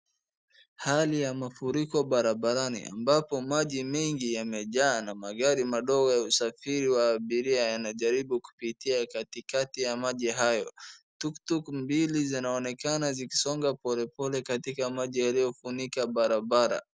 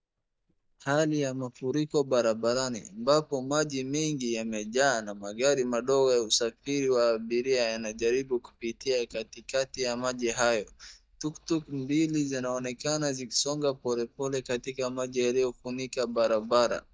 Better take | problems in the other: first | noise reduction (neural mask model DeepFilterNet 3)

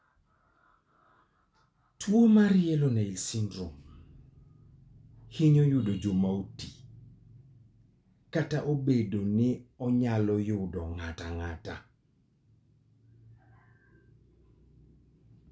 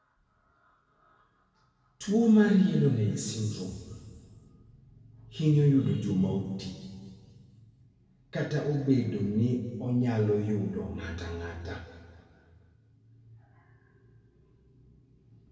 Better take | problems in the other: first | room echo; dies away in 2 s

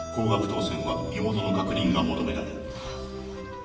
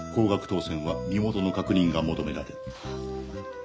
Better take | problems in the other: second | room echo; dies away in 1.3 s

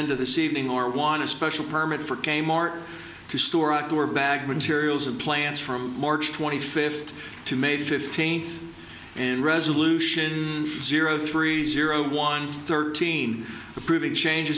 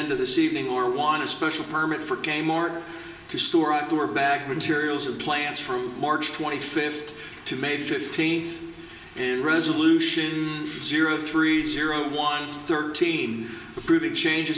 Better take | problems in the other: first | room echo; dies away in 1.6 s

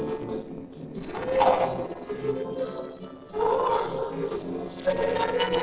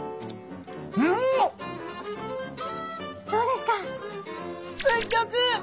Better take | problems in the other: second | noise reduction (neural separator model SepFormer DNS4)

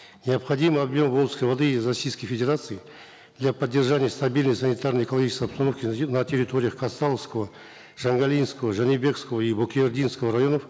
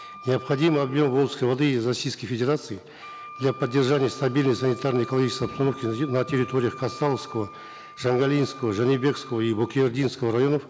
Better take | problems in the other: first | background sound (Wind instrument, woodwind instrument); 18 dB below the speech

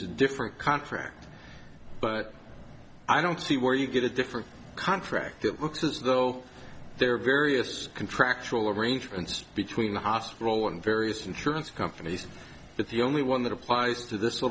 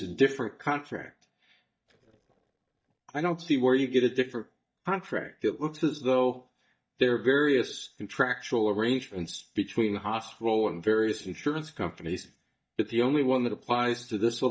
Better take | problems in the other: first | noise reduction (neural mask model DeepFilterNet 3)

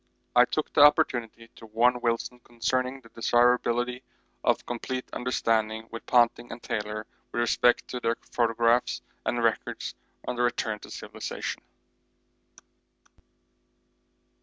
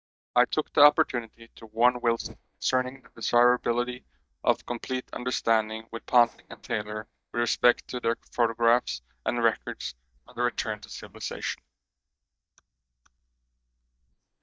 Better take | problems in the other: first | noise reduction (neural mask model DeepFilterNet 3)

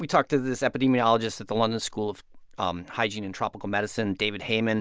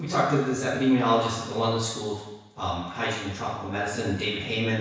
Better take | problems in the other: first | room echo; dies away in 1.1 s

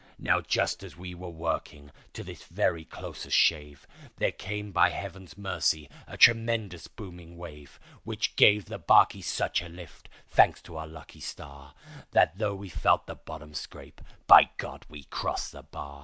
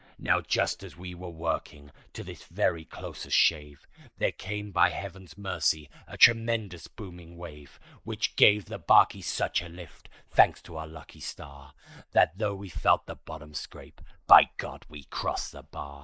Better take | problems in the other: first | noise reduction (neural mask model Resemble Enhance denoiser)

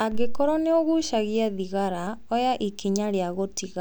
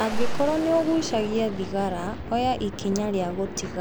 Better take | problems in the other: first | background sound (Boom); 10 dB below the speech

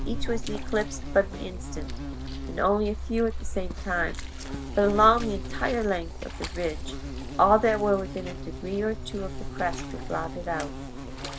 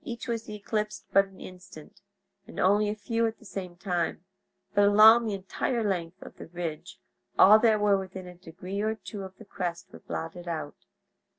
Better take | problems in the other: second | background sound (Insect); 5 dB below the speech

